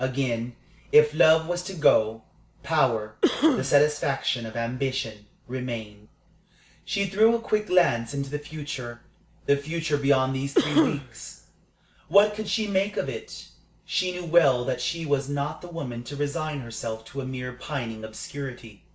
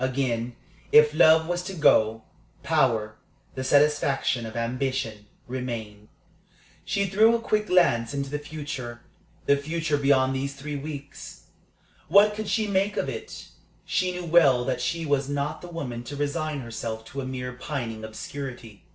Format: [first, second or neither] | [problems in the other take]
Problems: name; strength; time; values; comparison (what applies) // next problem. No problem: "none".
second | background sound (Cough); as loud as the speech